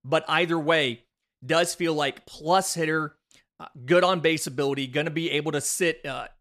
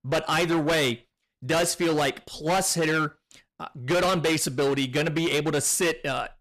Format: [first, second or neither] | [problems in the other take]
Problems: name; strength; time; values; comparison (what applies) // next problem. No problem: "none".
first | distortion; heavy; 19% of the sound clipped